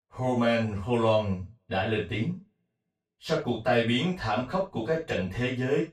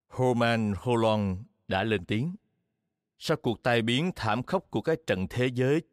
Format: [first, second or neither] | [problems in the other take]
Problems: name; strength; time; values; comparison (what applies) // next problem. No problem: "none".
second | room echo; noticeable; dies away in 0.2 s // off-mic speech; far